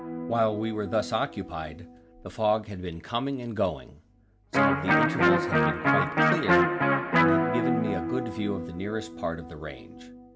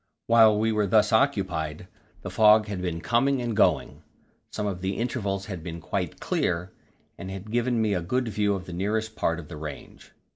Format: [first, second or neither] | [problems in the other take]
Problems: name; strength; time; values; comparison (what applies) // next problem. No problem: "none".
second | background sound (Electric guitar); 4 dB above the speech